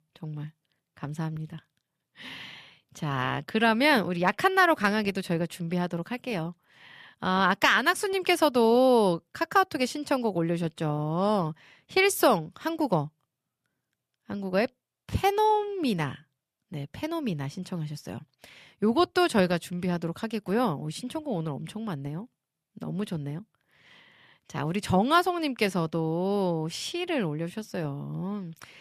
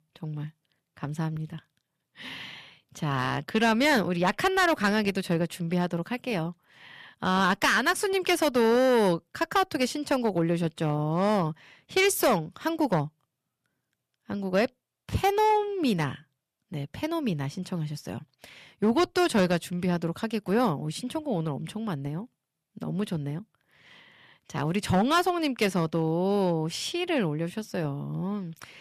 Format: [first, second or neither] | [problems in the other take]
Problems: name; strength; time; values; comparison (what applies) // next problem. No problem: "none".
first | distortion; slight; 3% of the sound clipped